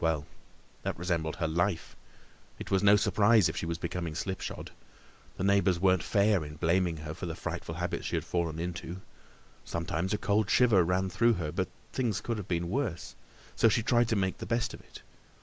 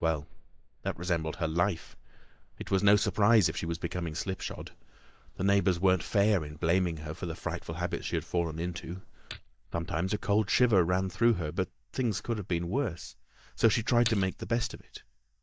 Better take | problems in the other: first | noise reduction (neural mask model DeepFilterNet 3)

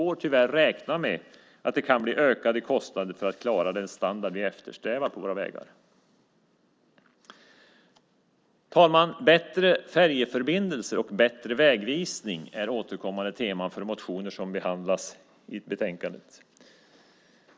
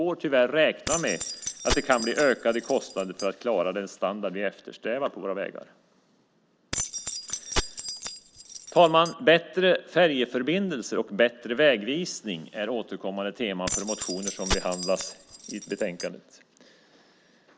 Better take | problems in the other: first | background sound (Keys jangling); 6 dB below the speech

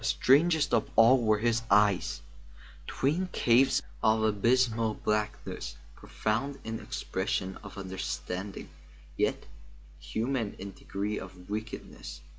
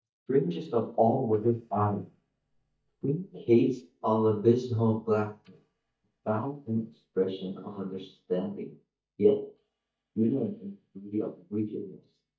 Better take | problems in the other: first | noise reduction (neural mask model DeepFilterNet 3)

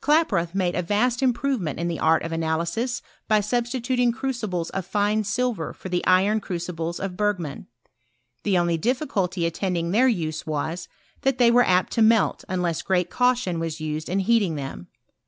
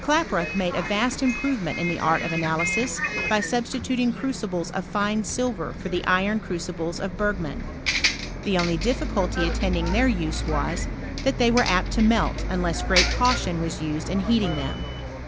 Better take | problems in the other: first | background sound (Bus); 4 dB below the speech

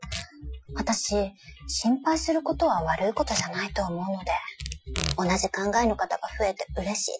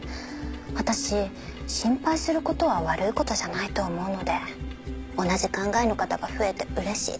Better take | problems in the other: second | noise reduction (classical method Wiener filter)

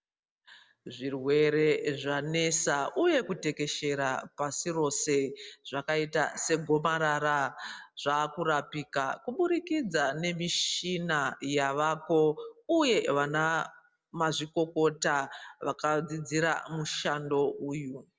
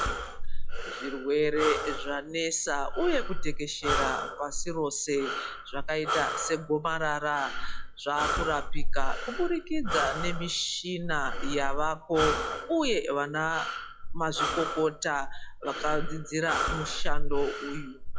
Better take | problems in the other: first | noise reduction (classical method log-MMSE)

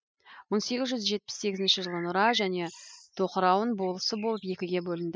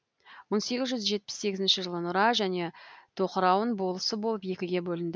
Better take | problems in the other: second | noise reduction (classical method spectral subtraction)

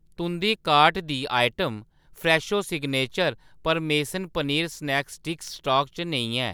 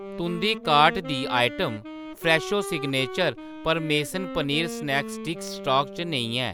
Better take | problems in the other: first | background sound (Wind instrument, woodwind instrument); 10 dB below the speech

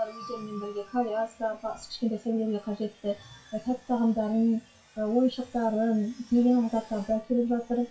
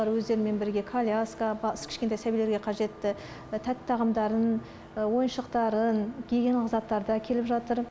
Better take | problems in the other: second | noise reduction (classical method WPE with log-MMSE)

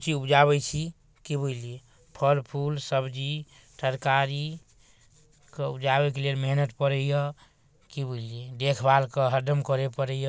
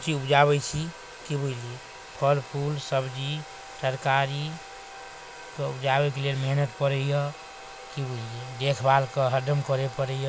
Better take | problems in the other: first | background sound (Domestic sounds, home sounds); 15 dB below the speech

